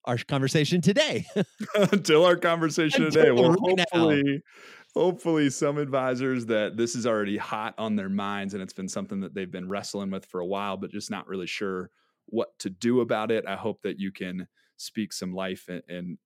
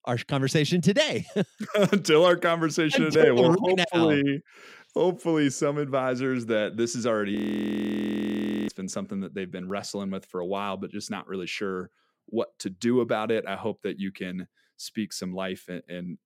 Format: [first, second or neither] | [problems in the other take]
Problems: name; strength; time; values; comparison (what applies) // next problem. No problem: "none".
first | audio freezing; at 7.5 s for 1.5 s